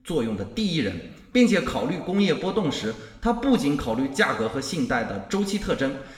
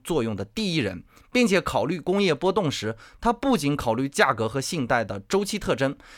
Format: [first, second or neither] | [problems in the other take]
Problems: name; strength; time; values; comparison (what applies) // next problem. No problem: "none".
second | room echo; slight; dies away in 0.9 s // off-mic speech; somewhat distant